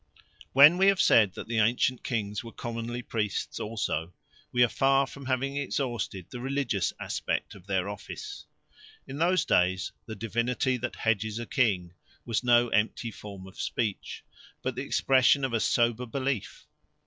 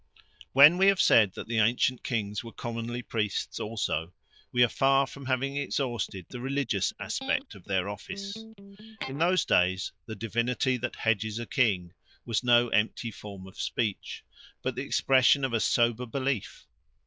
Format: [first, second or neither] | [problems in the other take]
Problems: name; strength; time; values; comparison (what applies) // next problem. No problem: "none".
first | noise reduction (neural diffusion model UNIVERSE++)